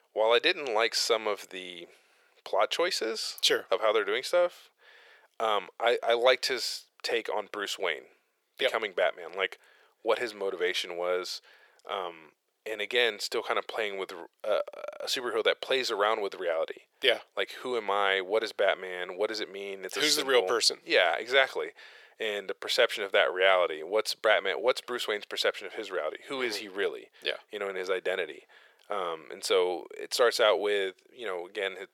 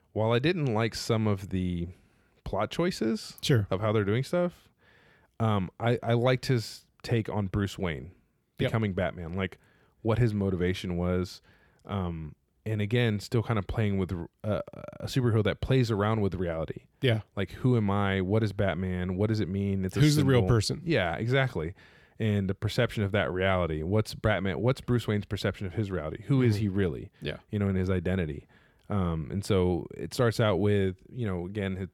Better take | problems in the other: second | thin; very; fading below 500 Hz

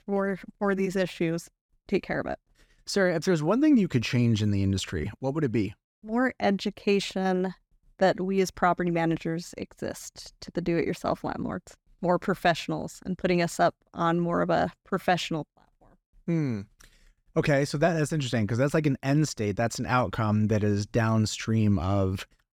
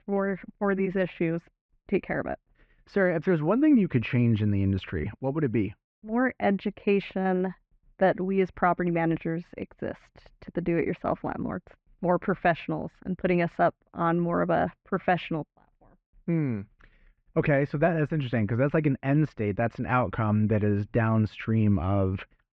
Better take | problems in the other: first | muffled; very; fading above 2.5 kHz

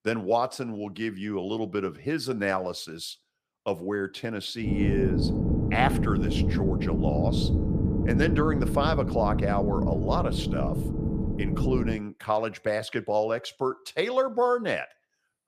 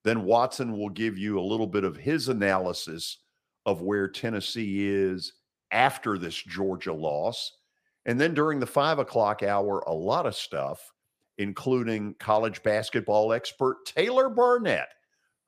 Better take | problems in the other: second | low rumble; loud; from 4.5 to 12 s; 6 dB below the speech

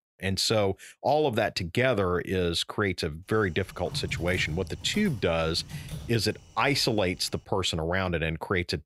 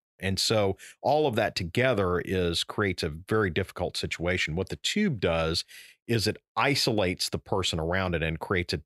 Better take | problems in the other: second | keyboard typing; faint; from 3.5 to 7 s; peak 10 dB below the speech

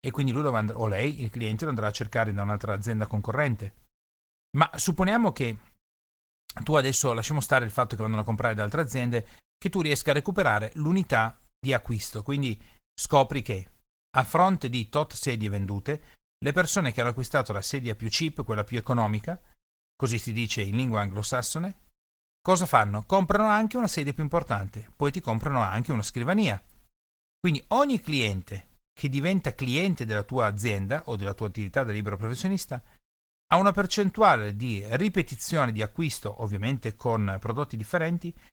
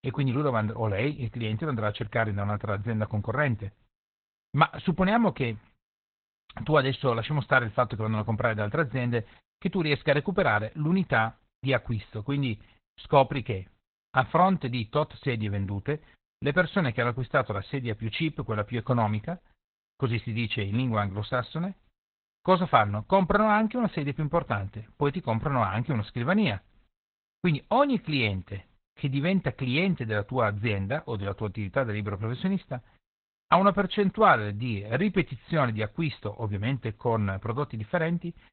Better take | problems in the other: first | garbled, watery; badly; nothing above 4 kHz; slightly in the first

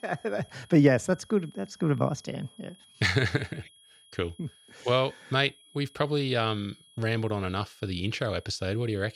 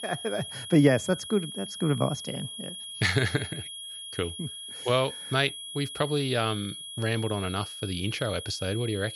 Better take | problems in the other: first | high-pitched whine; loud; throughout; 3.5 kHz, 9 dB below the speech; faint in the first

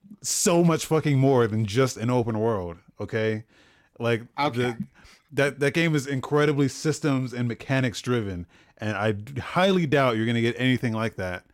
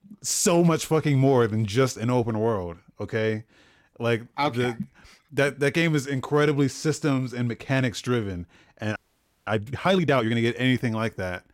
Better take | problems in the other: first | audio freezing; at 9 s for 0.5 s

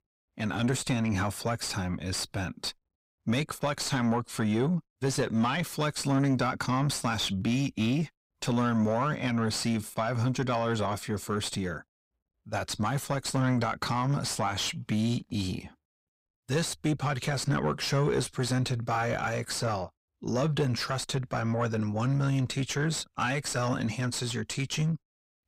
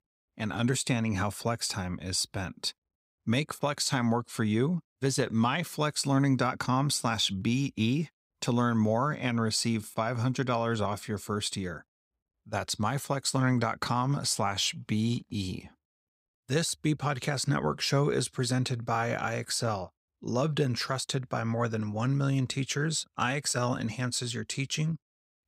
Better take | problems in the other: second | distortion; slight; 9 dB below the speech

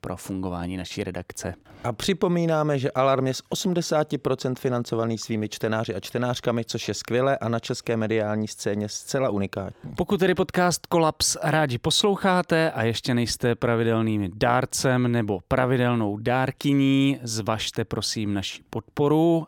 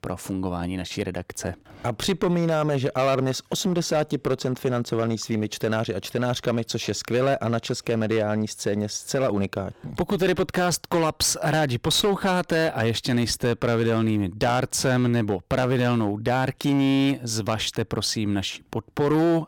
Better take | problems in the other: first | distortion; slight; 9% of the sound clipped

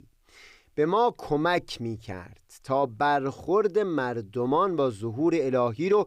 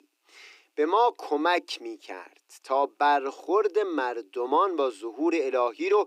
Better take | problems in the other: first | thin; somewhat; fading below 300 Hz

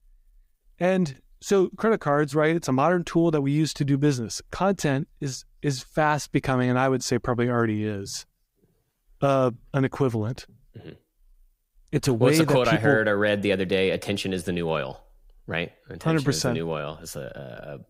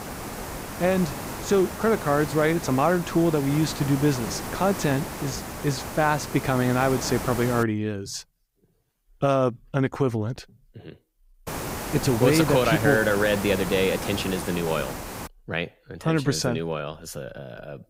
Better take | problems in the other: first | hiss; loud; until 7.5 s and from 11 to 15 s; 9 dB below the speech

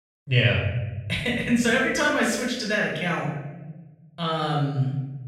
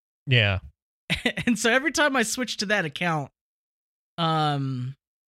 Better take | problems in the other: second | off-mic speech; far // room echo; noticeable; dies away in 1.1 s

